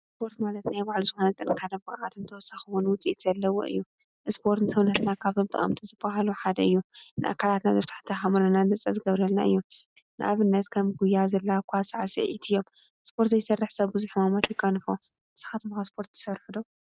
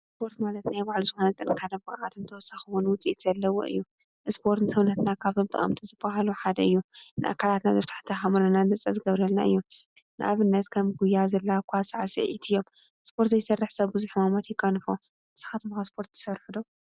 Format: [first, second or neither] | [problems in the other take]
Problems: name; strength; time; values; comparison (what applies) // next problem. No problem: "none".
second | noise reduction (neural mask model RNNoise)